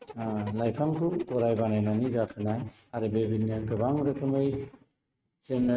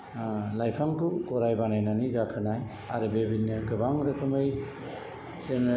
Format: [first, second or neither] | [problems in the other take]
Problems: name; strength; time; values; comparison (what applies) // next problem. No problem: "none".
second | noise reduction (neural mask model RNNoise)